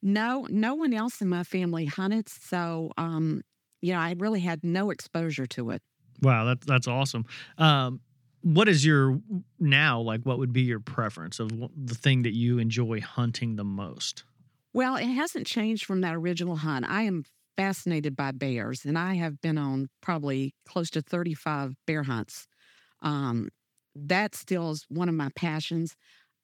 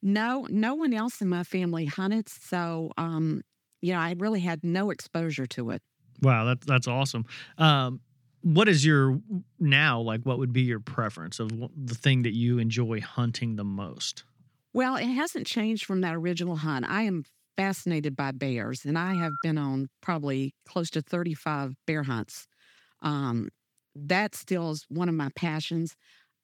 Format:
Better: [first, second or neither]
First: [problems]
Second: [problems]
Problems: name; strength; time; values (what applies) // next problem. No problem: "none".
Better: first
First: none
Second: phone ringing; noticeable; at 19 s; peak 7 dB below the speech